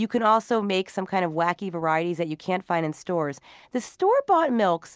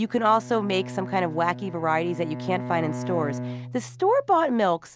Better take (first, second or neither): first